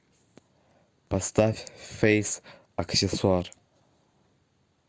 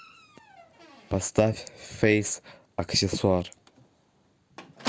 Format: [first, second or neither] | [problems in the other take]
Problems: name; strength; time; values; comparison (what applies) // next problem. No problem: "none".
first | background sound (Squeak); 16 dB below the speech